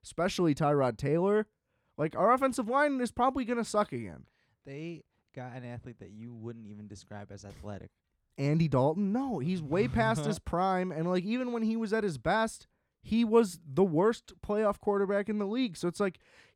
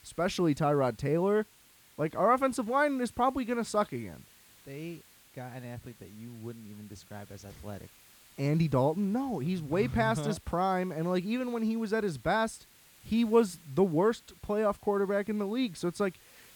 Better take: first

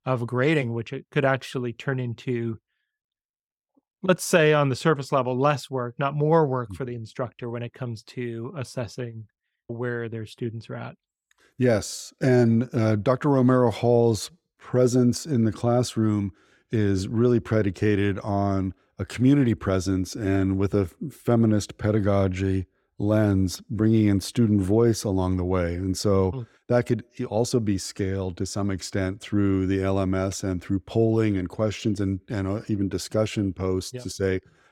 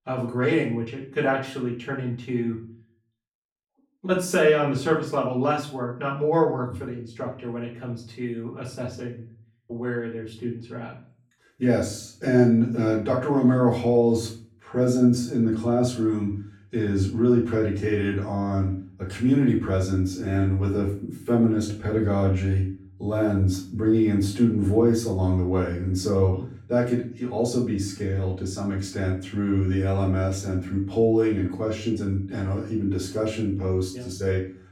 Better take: first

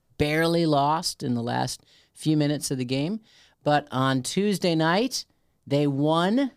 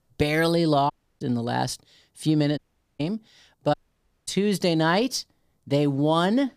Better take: first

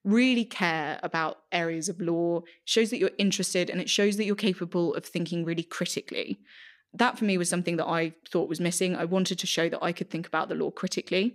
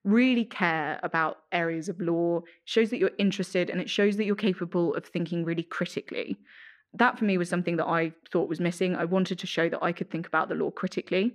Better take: first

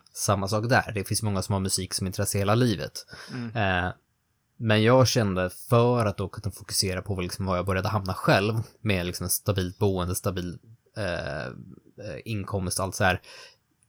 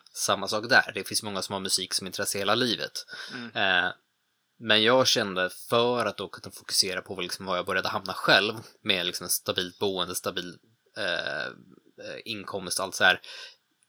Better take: first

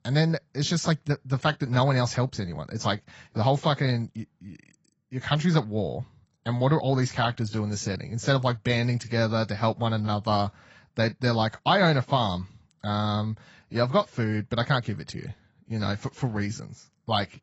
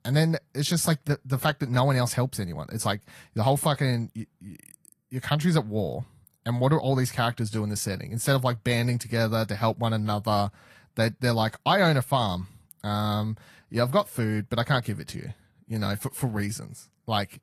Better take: second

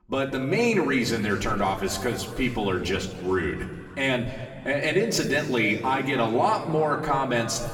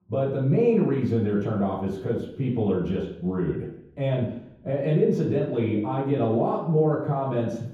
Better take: first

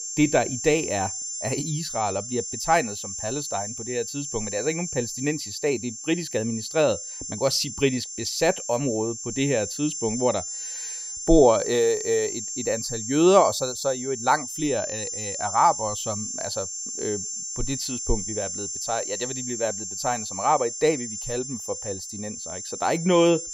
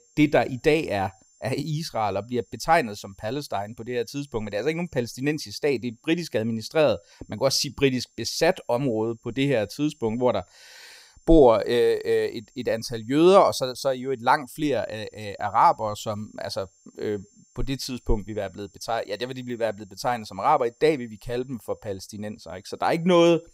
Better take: second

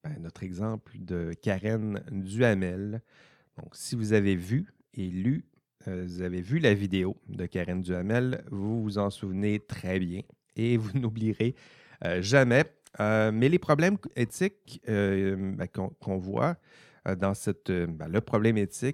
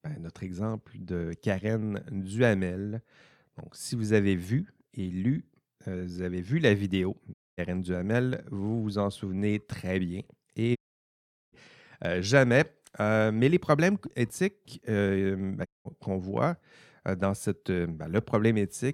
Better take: first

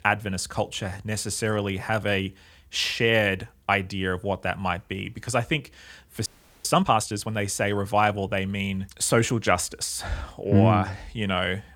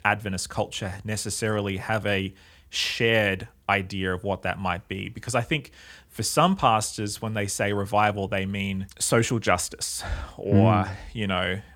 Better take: second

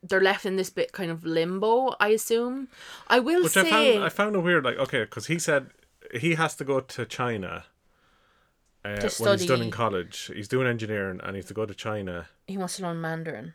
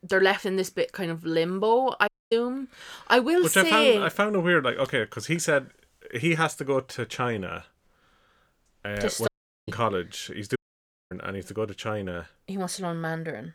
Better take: first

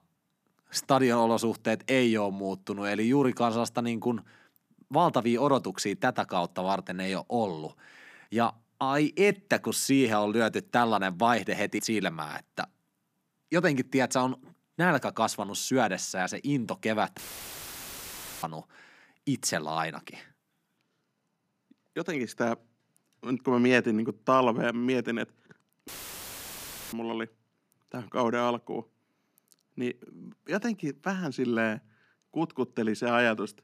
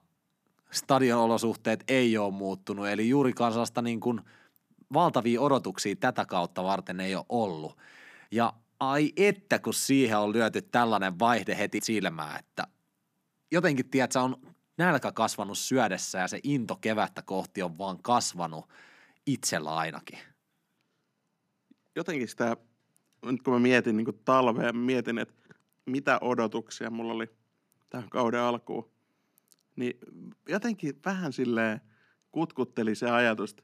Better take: second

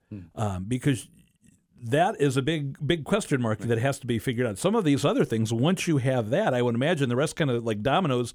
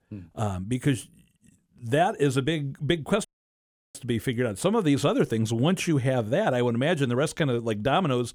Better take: first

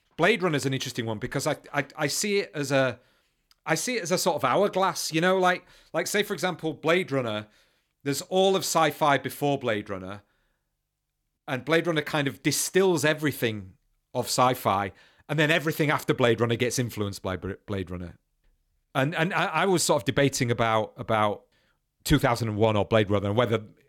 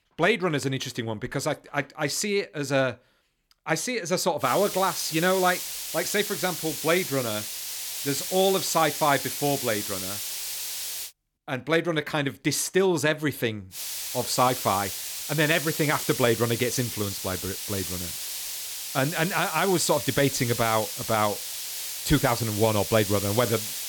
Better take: first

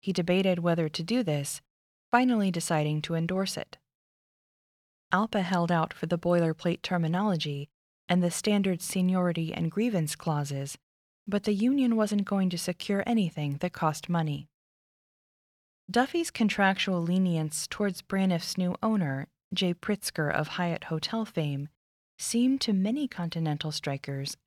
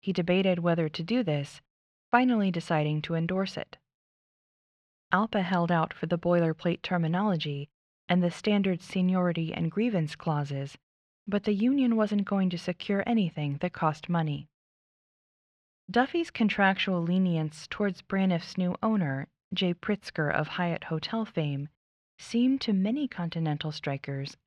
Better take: first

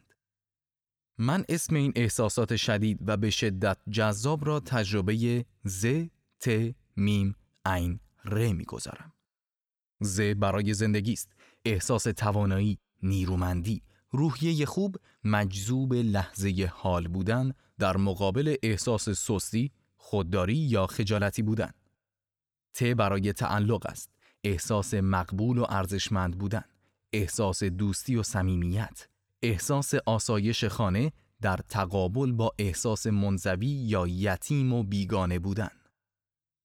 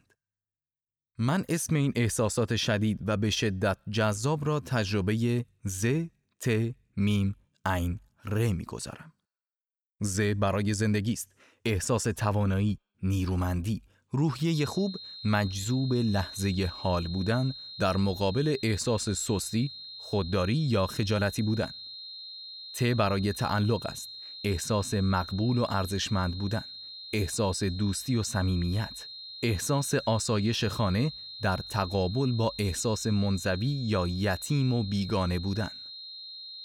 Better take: first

